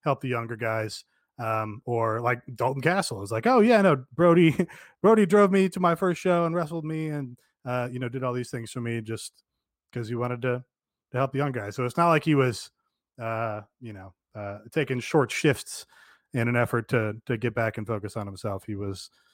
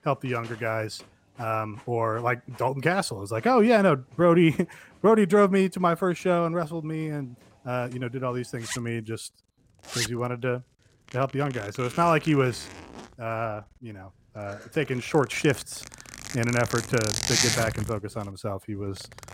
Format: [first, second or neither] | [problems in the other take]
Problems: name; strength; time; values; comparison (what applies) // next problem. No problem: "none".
first | household noises; loud; throughout; 6 dB below the speech